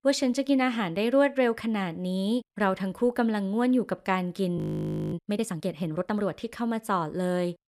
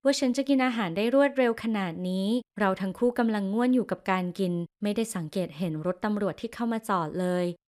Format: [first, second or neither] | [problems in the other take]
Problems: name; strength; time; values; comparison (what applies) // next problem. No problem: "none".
second | audio freezing; at 4.5 s for 0.5 s